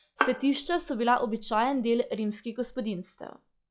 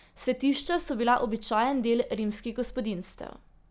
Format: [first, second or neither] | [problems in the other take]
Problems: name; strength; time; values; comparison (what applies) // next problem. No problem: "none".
second | noise reduction (classical method log-MMSE)